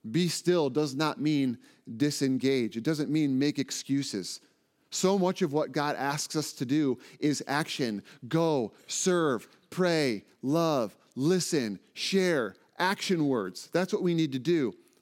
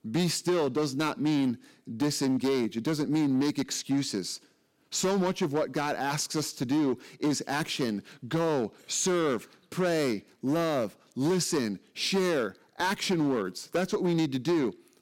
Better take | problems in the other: first | distortion; slight; 10% of the sound clipped

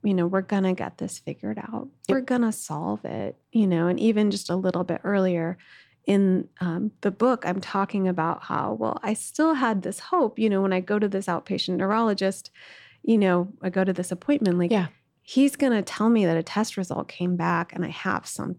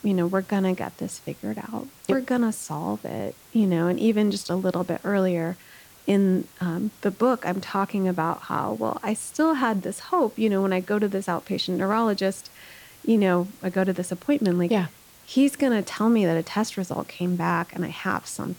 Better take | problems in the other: first | hiss; faint; throughout; 25 dB below the speech

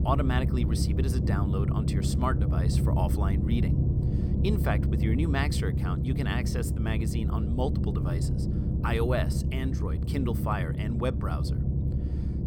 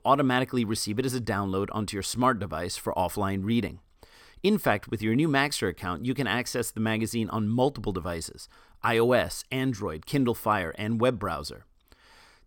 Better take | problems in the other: second | low rumble; loud; throughout; 4 dB below the speech

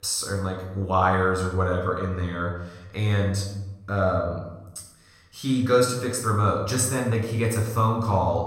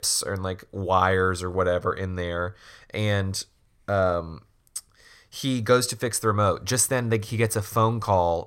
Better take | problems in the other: second | off-mic speech; somewhat distant // room echo; noticeable; dies away in 0.9 s

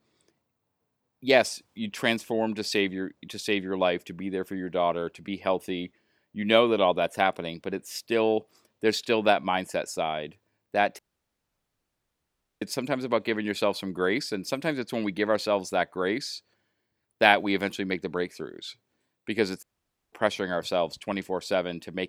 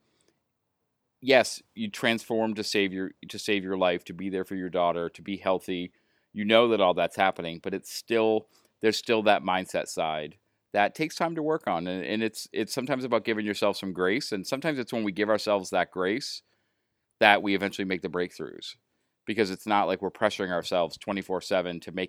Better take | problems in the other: second | audio cutting out; at 11 s for 1.5 s and at 20 s

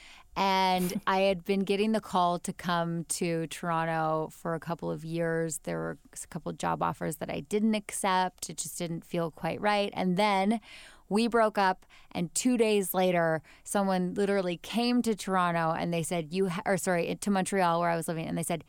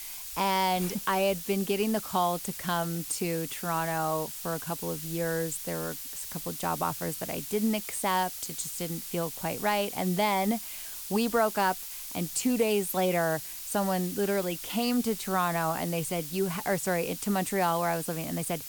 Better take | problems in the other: first | hiss; loud; throughout; 7 dB below the speech

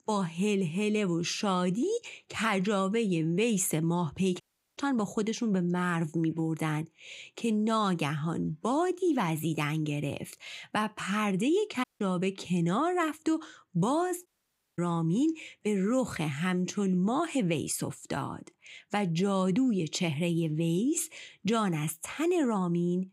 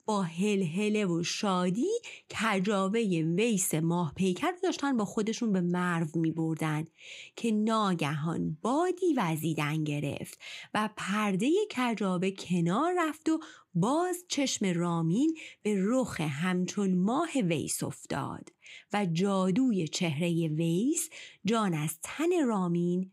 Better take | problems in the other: second | audio cutting out; at 4.5 s, at 12 s and at 14 s for 0.5 s

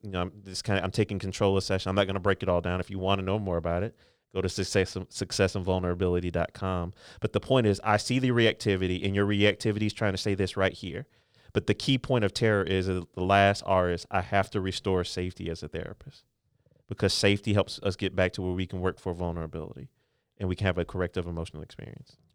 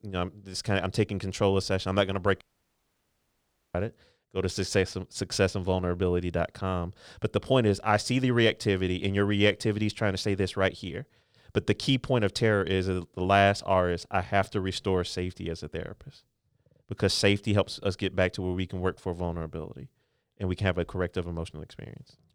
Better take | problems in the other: first | audio cutting out; at 2.5 s for 1.5 s

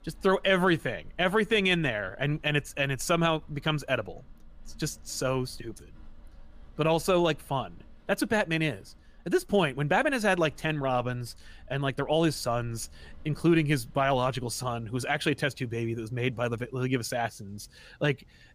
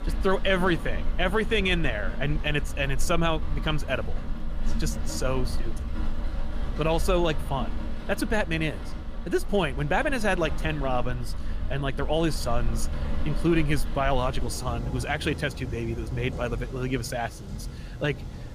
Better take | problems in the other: first | rain or running water; loud; throughout; 7 dB below the speech; faint in the first

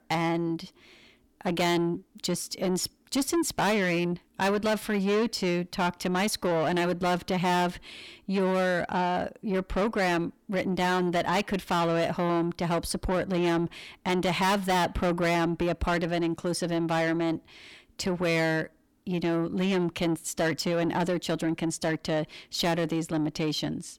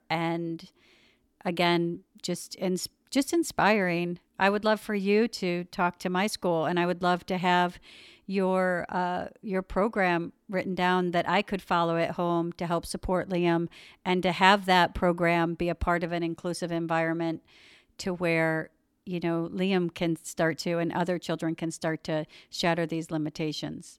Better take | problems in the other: second | distortion; heavy; 8 dB below the speech

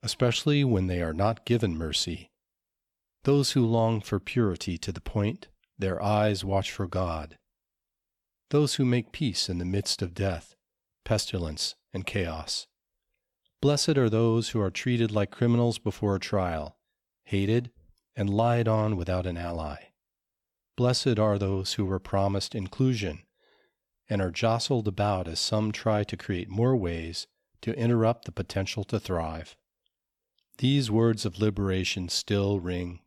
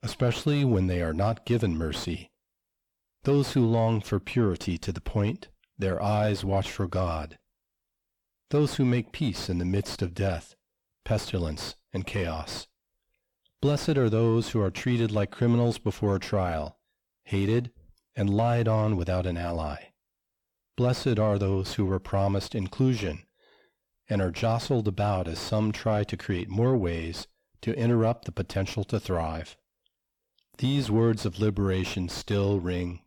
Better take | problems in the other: first | distortion; slight; 10 dB below the speech

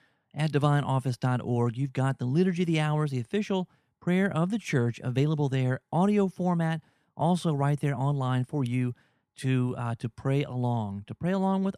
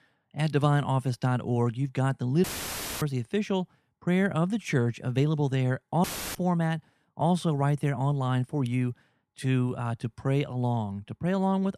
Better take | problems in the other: first | audio cutting out; filled with static; at 2.5 s for 0.5 s and at 6 s

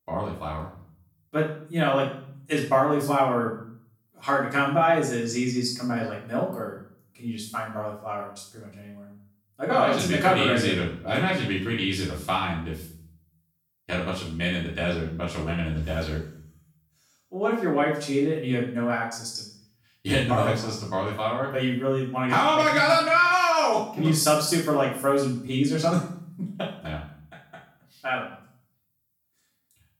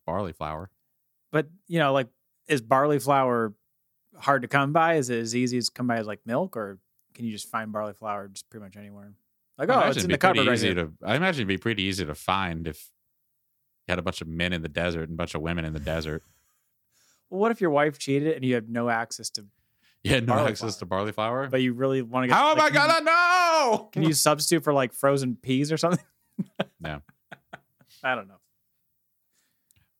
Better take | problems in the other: second | off-mic speech; far // room echo; noticeable; dies away in 0.6 s

